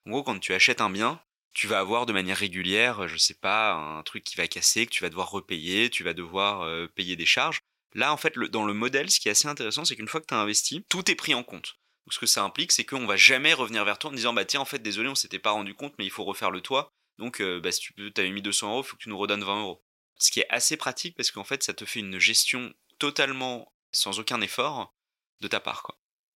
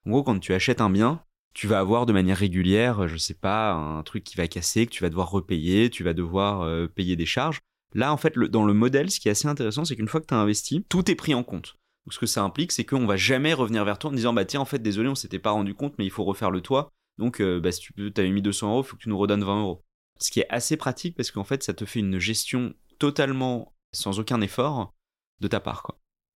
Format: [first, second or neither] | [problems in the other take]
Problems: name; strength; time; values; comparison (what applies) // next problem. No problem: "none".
second | thin; somewhat; fading below 1 kHz